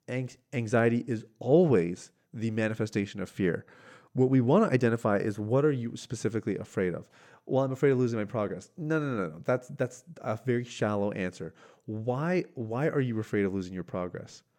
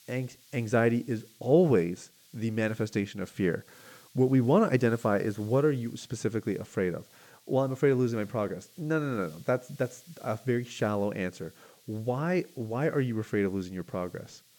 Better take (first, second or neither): first